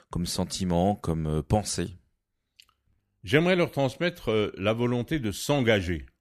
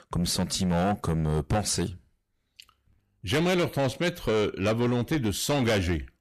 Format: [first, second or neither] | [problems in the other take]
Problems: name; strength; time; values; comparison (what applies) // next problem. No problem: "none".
first | distortion; heavy; 7 dB below the speech